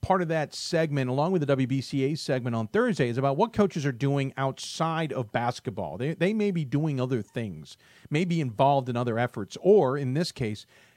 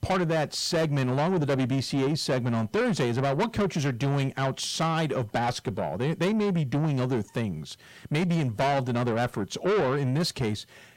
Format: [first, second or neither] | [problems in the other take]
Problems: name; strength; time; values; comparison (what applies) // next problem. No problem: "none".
first | distortion; heavy; 6 dB below the speech